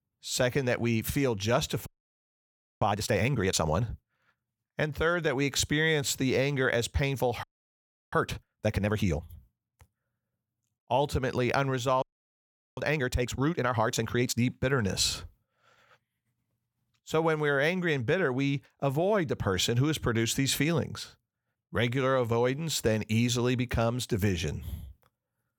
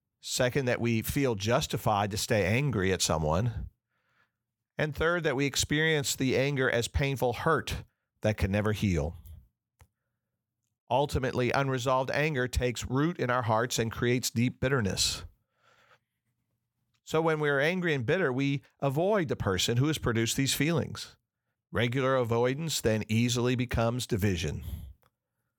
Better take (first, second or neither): second